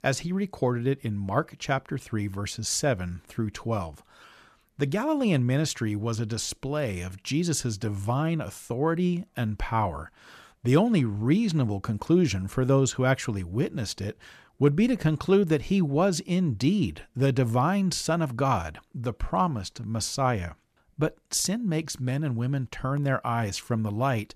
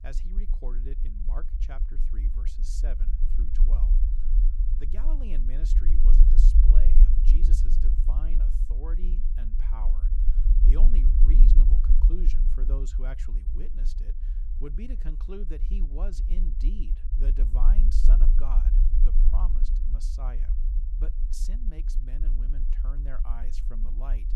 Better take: first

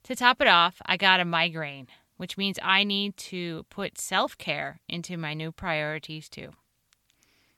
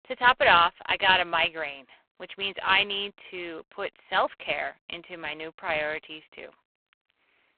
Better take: first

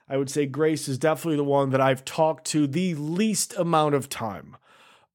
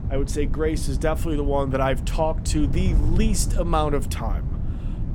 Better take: first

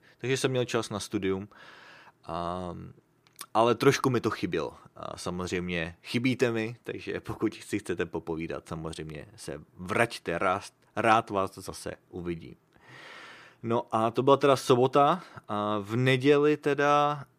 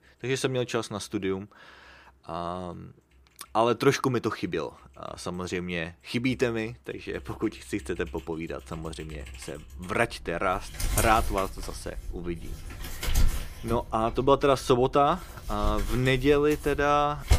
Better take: first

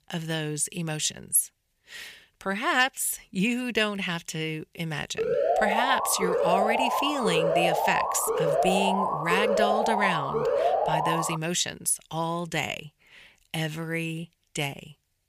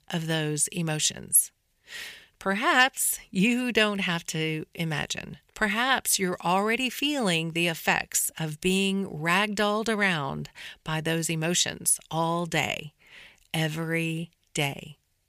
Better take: second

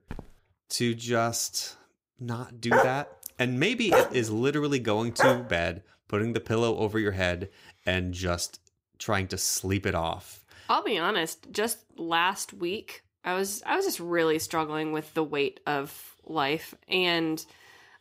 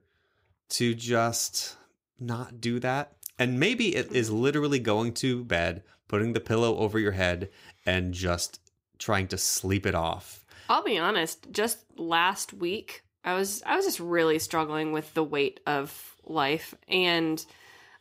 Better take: second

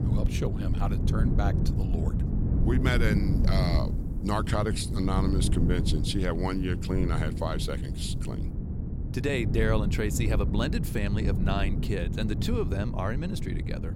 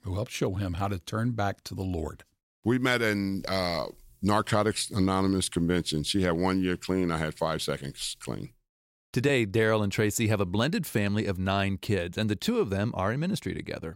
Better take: second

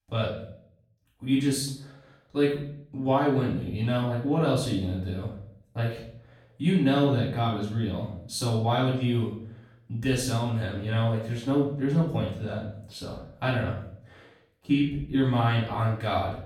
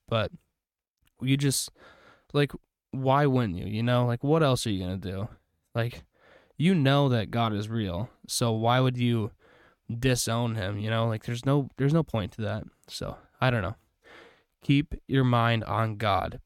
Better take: second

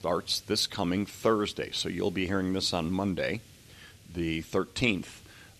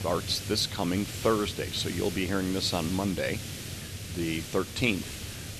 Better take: first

